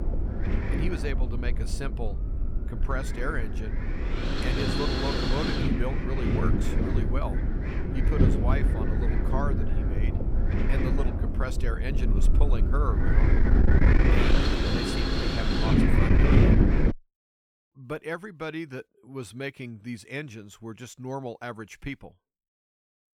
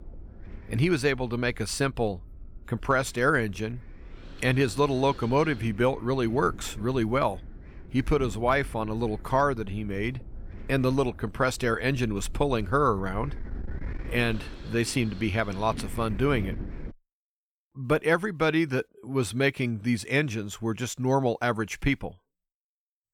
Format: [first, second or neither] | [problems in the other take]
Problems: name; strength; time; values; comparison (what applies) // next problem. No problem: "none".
second | wind noise on the microphone; heavy; until 17 s; 4 dB above the speech; occasional gusts in the second